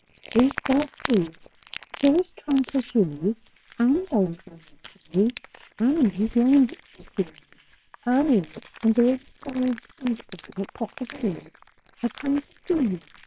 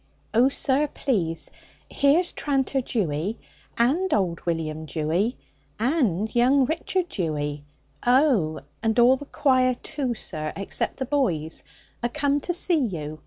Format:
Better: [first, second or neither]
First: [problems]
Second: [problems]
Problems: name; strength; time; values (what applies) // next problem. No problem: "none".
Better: second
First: noise reduction (neural separator model SepFormer WHAMR!)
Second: none